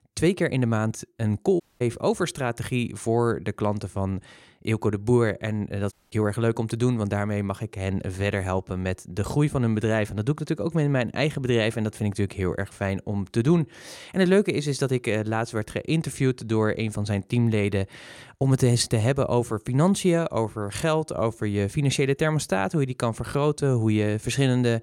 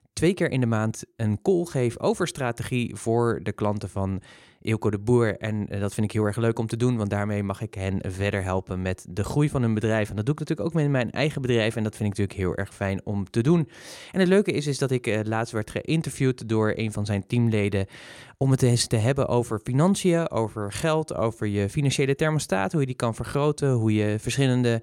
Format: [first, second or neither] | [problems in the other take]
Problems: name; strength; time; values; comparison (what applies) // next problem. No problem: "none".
second | audio cutting out; at 1.5 s and at 6 s